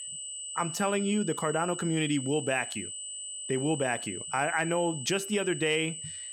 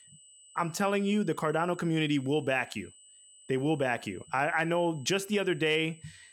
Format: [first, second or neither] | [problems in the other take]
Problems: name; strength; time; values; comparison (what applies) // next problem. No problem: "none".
second | high-pitched whine; loud; throughout; 8 kHz, 7 dB below the speech; faint in the second